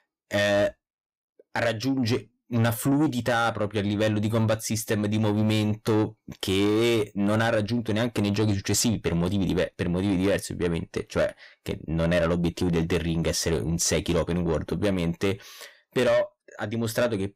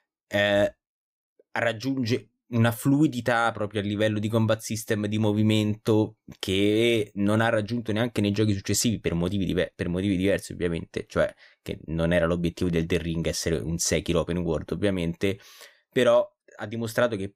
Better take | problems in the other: second | distortion; slight; 10 dB below the speech

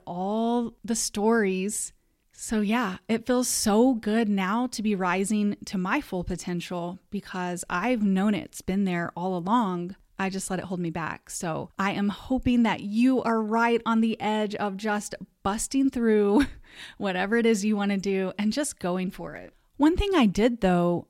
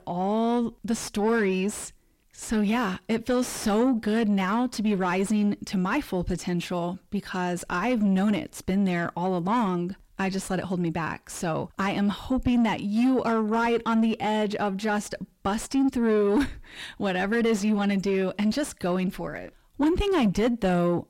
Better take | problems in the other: first | distortion; slight; 10 dB below the speech

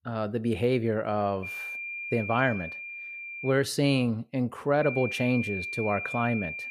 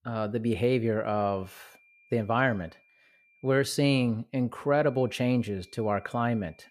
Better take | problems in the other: second | high-pitched whine; loud; from 1.5 to 3.5 s and from 5 s on; 2.5 kHz, 7 dB below the speech; faint in the second

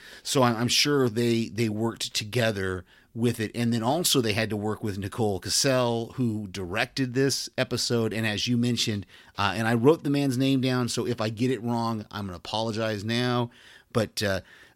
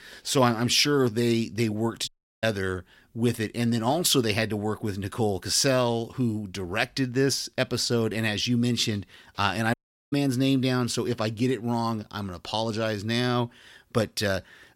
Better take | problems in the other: first | audio cutting out; at 2 s and at 9.5 s

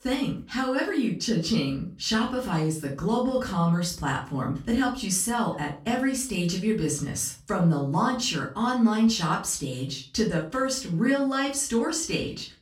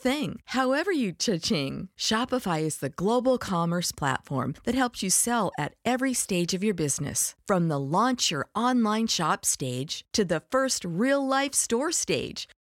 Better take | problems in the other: second | room echo; slight; dies away in 0.3 s // off-mic speech; far

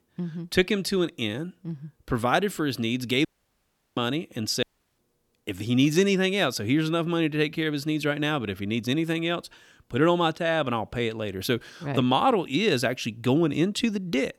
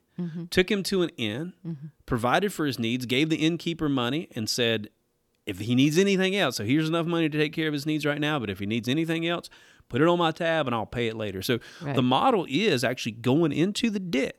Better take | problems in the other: second | audio cutting out; at 3.5 s for 0.5 s and at 4.5 s

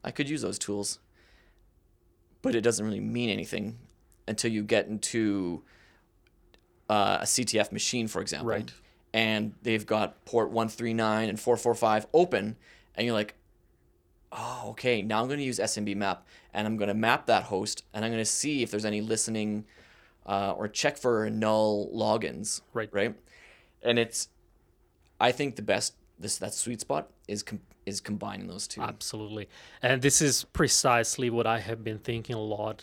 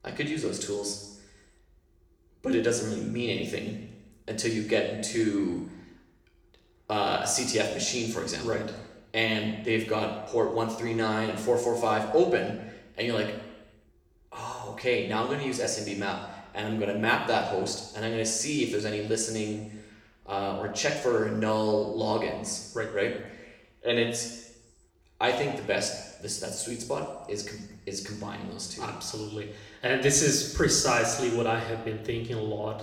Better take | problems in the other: first | room echo; noticeable; dies away in 0.9 s // off-mic speech; somewhat distant

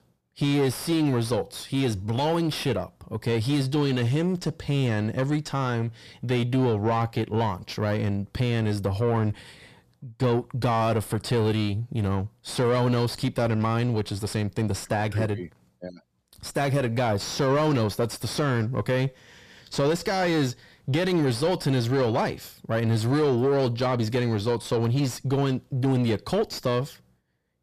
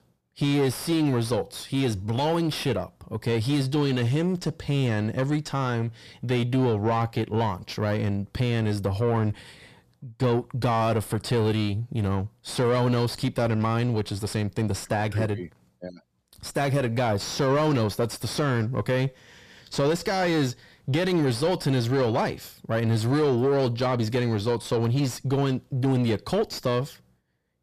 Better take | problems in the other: neither | distortion; slight; 9 dB below the speech; the same in both

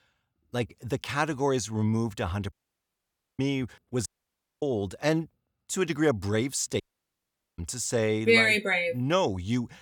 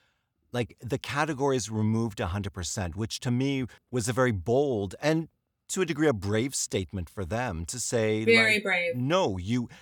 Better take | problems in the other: second | audio cutting out; at 2.5 s for 1 s, at 4 s for 0.5 s and at 7 s for 1 s

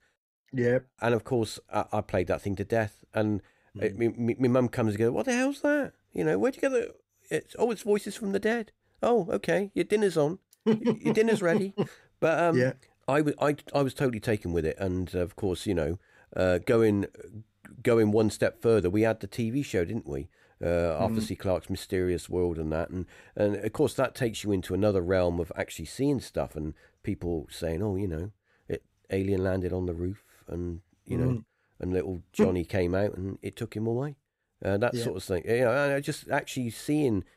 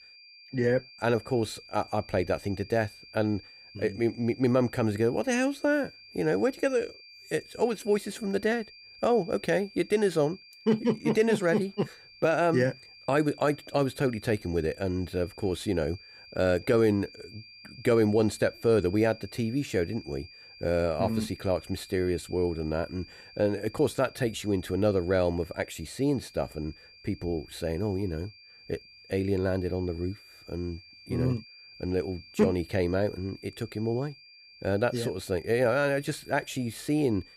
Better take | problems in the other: first | high-pitched whine; faint; throughout; 4.5 kHz, 20 dB below the speech

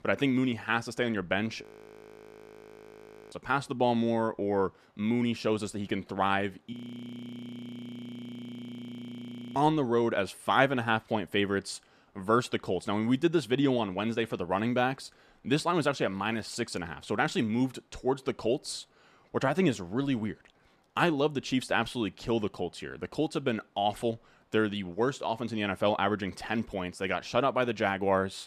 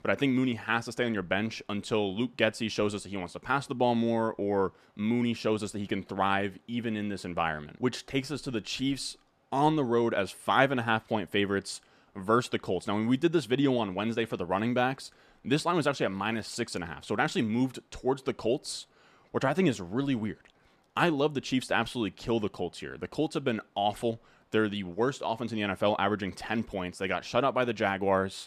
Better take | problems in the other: second | audio freezing; at 1.5 s for 1.5 s and at 6.5 s for 3 s

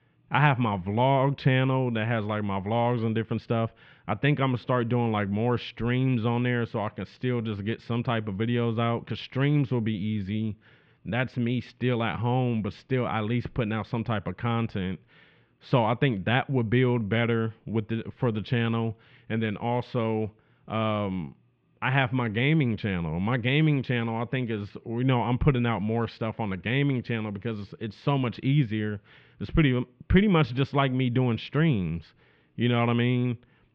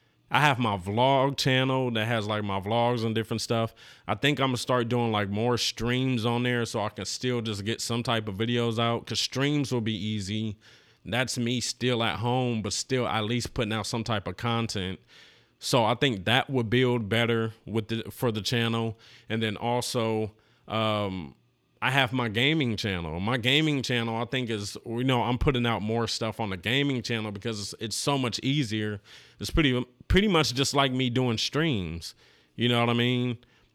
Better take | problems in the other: second | muffled; very; fading above 2.5 kHz

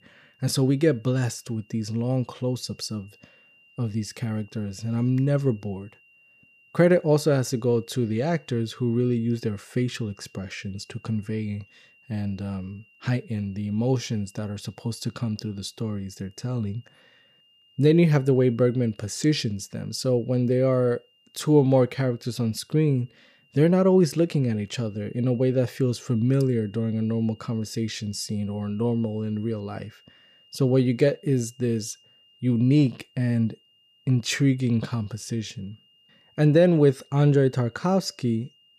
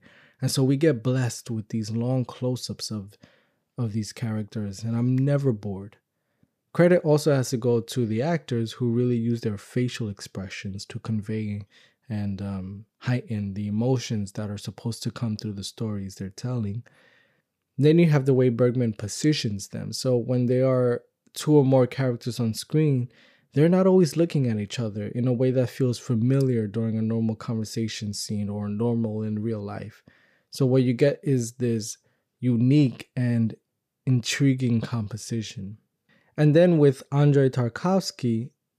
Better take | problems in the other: second | high-pitched whine; faint; throughout; 3 kHz, 30 dB below the speech

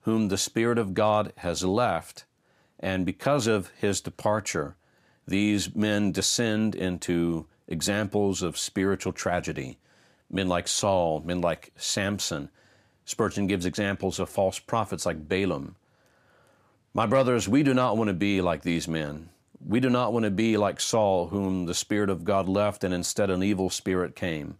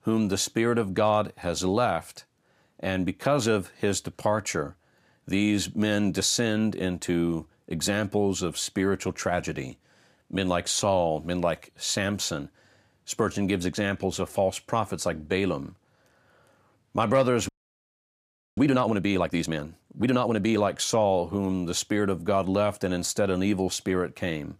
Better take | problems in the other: first | audio freezing; at 17 s for 1 s

